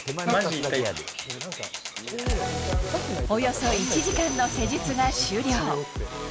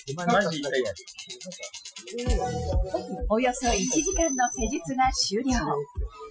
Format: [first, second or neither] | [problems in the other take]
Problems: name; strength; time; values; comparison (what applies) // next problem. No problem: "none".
first | noise reduction (classical method Wiener filter)